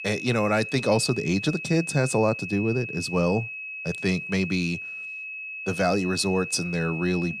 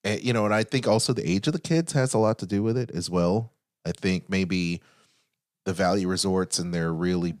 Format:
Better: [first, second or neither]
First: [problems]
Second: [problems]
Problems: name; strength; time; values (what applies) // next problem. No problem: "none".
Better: second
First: high-pitched whine; loud; throughout; 2.5 kHz, 8 dB below the speech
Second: none